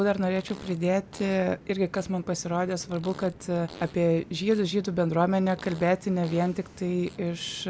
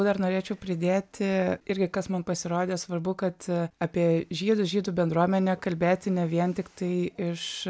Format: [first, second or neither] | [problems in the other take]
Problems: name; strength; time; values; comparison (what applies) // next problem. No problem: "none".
second | background sound (Fart + Train); 19 dB below the speech